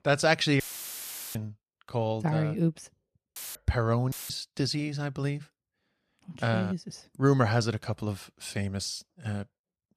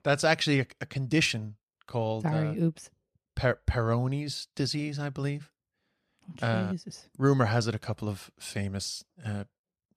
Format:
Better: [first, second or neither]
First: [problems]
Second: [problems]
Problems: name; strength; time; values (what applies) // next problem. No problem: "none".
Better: second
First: audio cutting out; filled with static; at 0.5 s for 1 s, at 3.5 s and at 4 s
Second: none